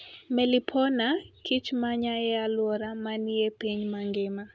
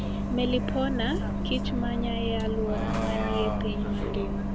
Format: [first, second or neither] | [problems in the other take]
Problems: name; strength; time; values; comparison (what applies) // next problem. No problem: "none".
first | background sound (Bus); 3 dB above the speech